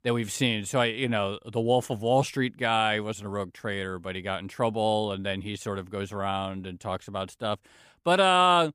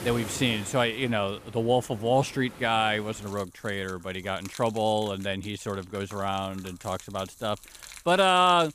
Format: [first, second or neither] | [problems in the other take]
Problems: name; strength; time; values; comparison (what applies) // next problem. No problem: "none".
first | rain or running water; noticeable; throughout; 20 dB below the speech